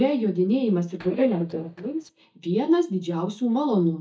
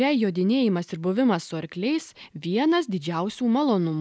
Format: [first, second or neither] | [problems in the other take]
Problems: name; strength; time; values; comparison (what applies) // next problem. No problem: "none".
second | noise reduction (neural mask model DeepFilterNet 3)